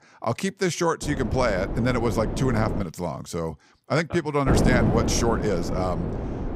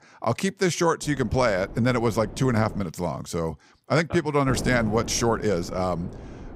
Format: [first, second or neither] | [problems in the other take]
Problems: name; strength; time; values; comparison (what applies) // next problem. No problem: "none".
second | wind noise on the microphone; heavy; from 1 to 3 s and from 4.5 s on; 5 dB below the speech; occasional gusts in the second